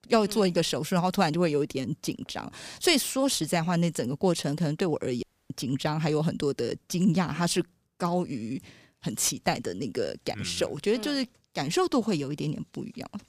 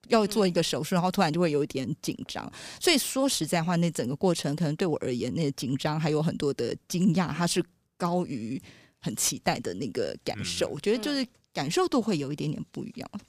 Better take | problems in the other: second | audio cutting out; at 5 s

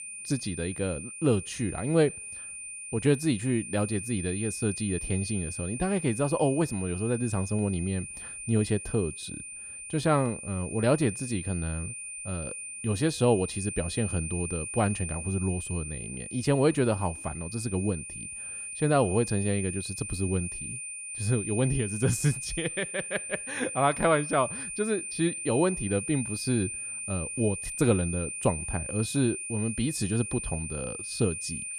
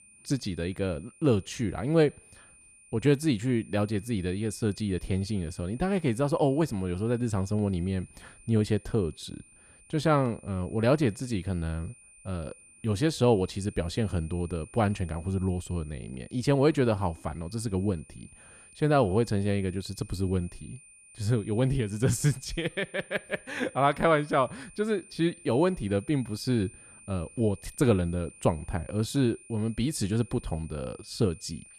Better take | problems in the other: second | high-pitched whine; loud; throughout; 9 kHz, 6 dB below the speech; faint in the second

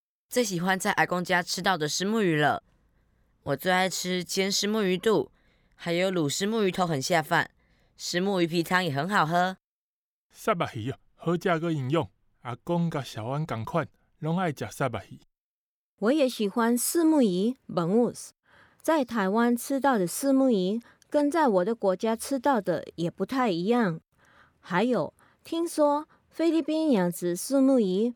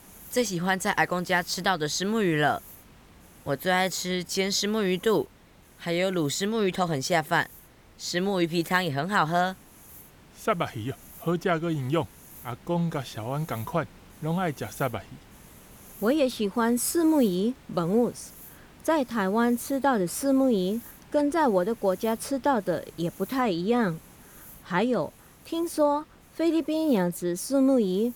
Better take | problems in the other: first | hiss; faint; throughout; 25 dB below the speech

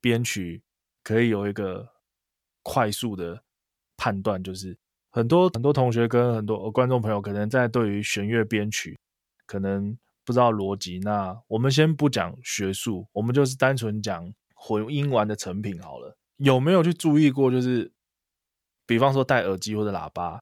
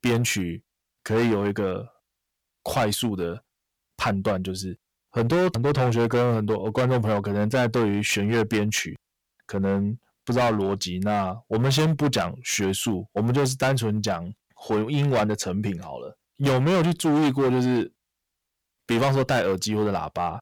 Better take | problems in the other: first | distortion; heavy; 13% of the sound clipped

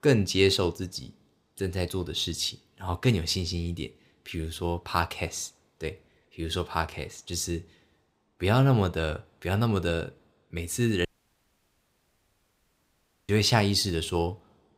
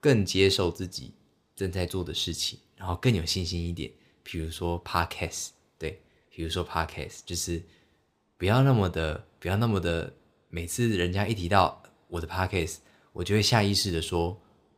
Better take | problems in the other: second | audio cutting out; at 11 s for 2 s

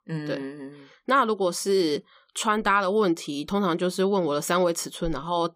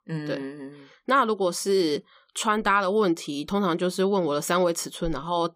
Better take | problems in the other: neither | none

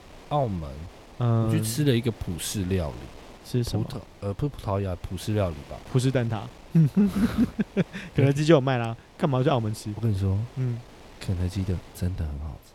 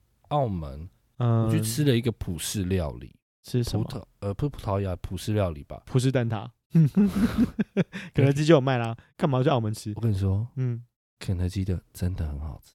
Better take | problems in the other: second | wind noise on the microphone; occasional gusts; 20 dB below the speech

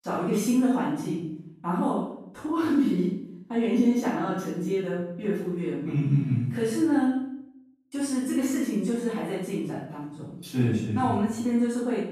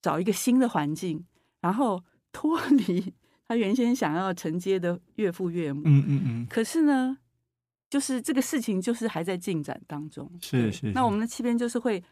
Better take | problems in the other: second | off-mic speech; far // room echo; strong; dies away in 0.7 s

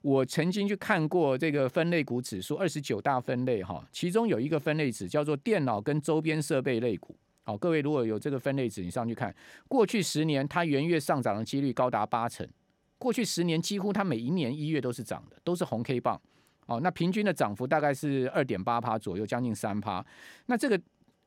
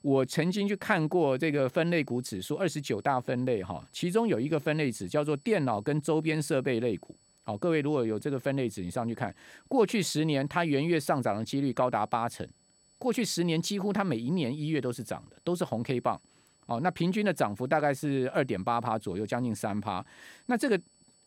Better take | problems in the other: first | high-pitched whine; faint; throughout; 8 kHz, 35 dB below the speech

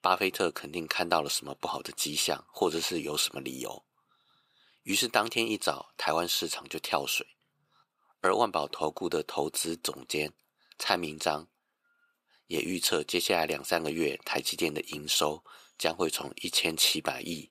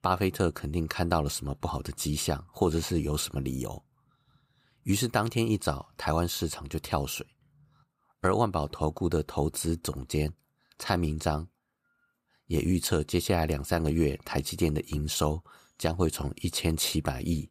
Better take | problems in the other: second | thin; somewhat; fading below 400 Hz

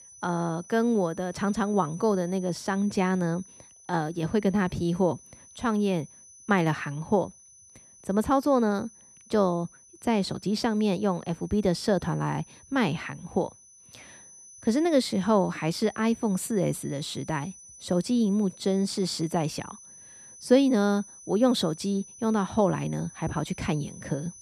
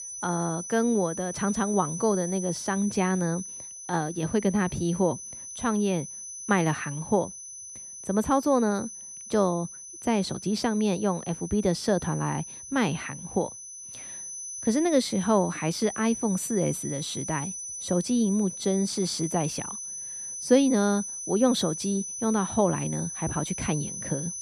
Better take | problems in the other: first | high-pitched whine; loud; throughout; 6 kHz, 8 dB below the speech; faint in the first

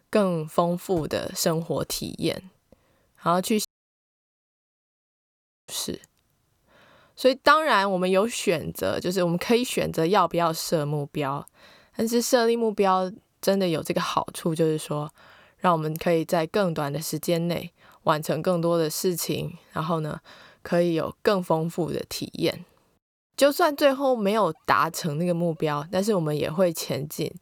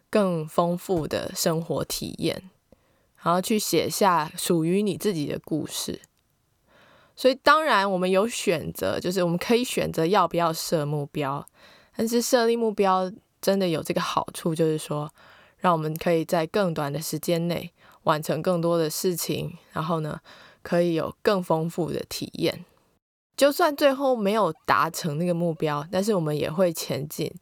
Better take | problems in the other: second | audio cutting out; at 3.5 s for 2 s

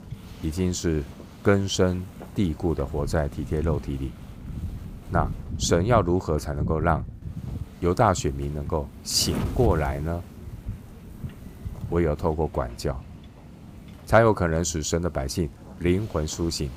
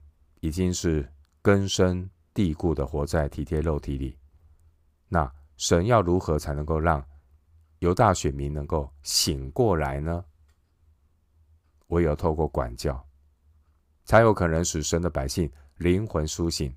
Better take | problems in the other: second | wind noise on the microphone; occasional gusts; 20 dB below the speech

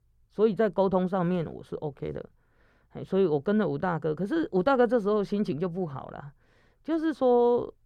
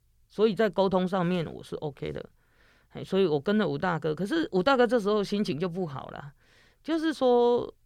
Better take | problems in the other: second | muffled; slightly; fading above 2 kHz

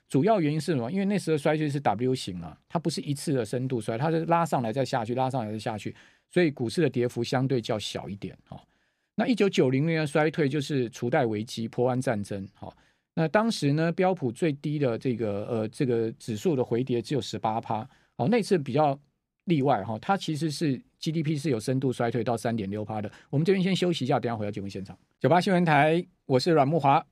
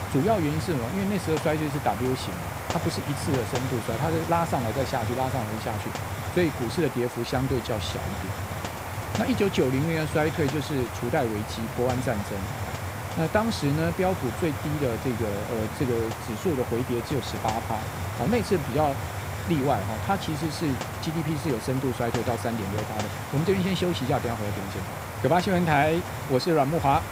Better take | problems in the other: first | hiss; loud; throughout; 5 dB below the speech

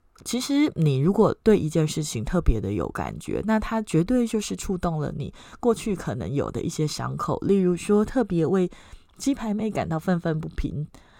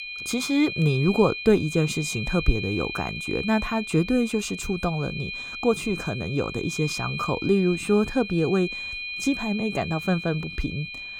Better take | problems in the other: first | high-pitched whine; loud; throughout; 2.5 kHz, 7 dB below the speech

